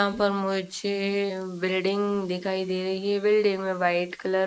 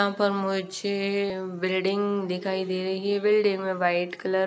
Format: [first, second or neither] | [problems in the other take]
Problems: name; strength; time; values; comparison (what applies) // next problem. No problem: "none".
second | noise reduction (neural mask model Resemble Enhance denoiser)